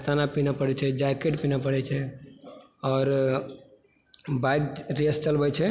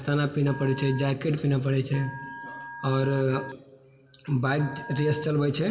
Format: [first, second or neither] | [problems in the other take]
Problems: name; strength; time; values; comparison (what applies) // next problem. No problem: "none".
first | background sound (Telephone); 16 dB below the speech // room echo; dies away in 1.3 s